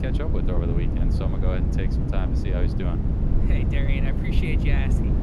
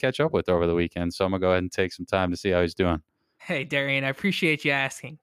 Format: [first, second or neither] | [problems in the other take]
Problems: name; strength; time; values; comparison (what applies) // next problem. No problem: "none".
second | low rumble; loud; throughout; as loud as the speech